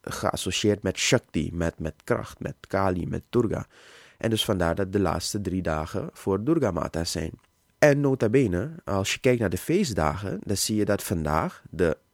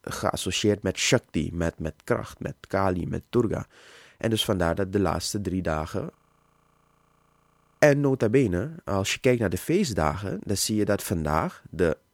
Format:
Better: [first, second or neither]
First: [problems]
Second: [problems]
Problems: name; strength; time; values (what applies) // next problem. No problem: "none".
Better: first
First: none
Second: audio freezing; at 6 s for 1.5 s